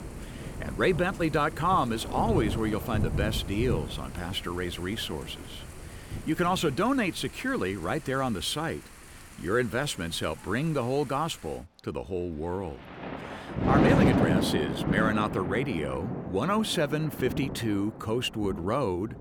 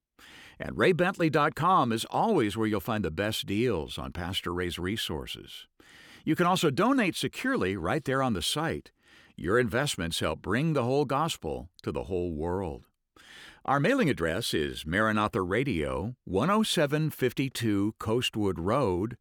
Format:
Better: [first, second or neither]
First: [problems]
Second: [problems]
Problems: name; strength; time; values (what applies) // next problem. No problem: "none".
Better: second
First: rain or running water; loud; throughout; 3 dB below the speech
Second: none